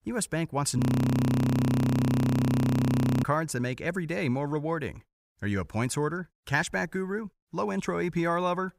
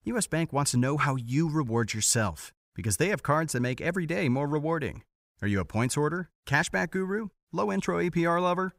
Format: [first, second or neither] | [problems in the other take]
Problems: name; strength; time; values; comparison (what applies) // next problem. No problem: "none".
second | audio freezing; at 1 s for 2.5 s